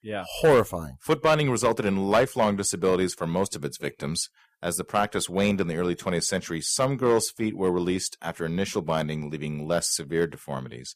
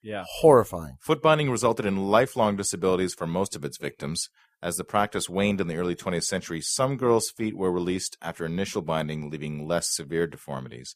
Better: second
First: distortion; slight; 1.6% of the sound clipped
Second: none

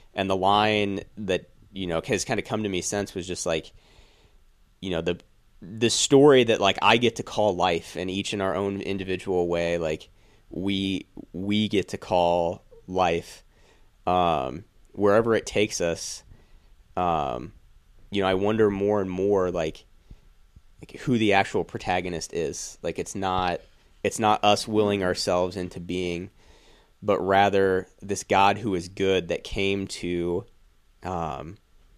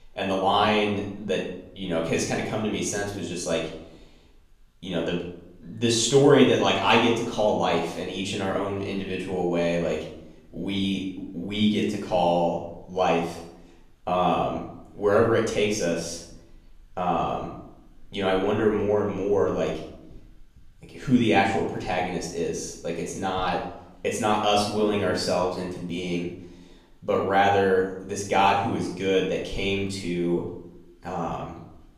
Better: first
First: none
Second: room echo; noticeable; dies away in 0.6 s // off-mic speech; far

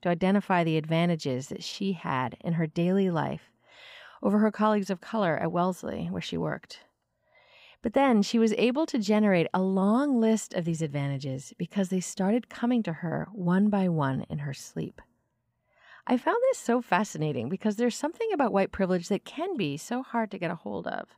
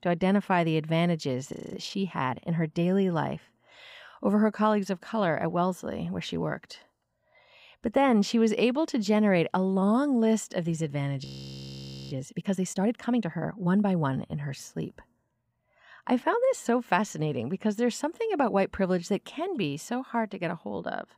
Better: first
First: none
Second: audio freezing; at 1.5 s and at 11 s for 1 s

